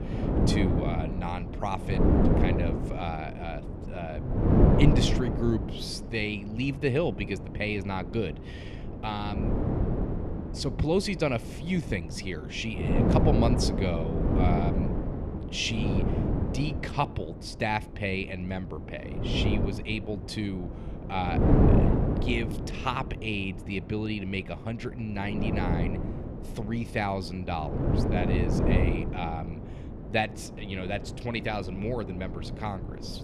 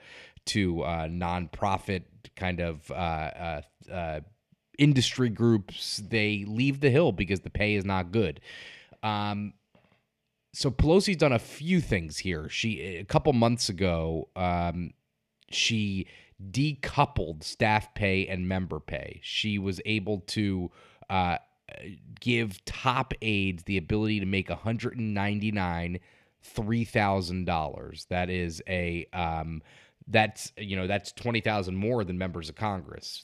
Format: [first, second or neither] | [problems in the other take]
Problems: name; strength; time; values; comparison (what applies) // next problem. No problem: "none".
second | wind noise on the microphone; heavy; 2 dB below the speech